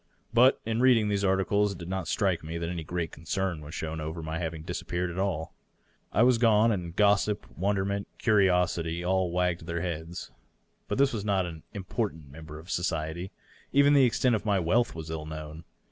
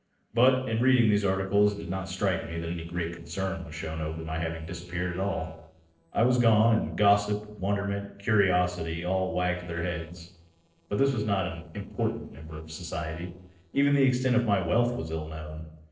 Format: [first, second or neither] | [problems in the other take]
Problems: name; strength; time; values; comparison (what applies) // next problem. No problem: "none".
first | noise reduction (neural separator model SepFormer DNS4)